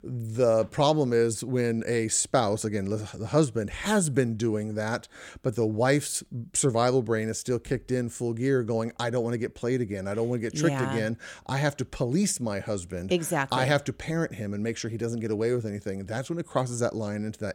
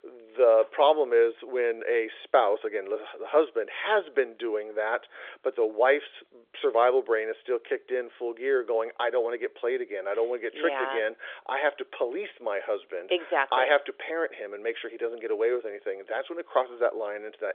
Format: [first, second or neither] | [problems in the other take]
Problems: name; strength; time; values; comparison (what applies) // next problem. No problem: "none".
first | phone-call audio; nothing above 3.5 kHz